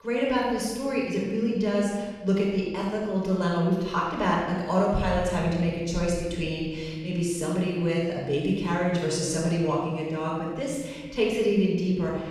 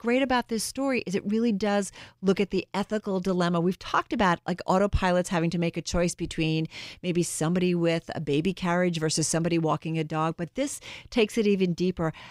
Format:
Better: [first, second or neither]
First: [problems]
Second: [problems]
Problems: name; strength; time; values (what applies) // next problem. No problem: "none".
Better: second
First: off-mic speech; far // room echo; strong; dies away in 1.3 s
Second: none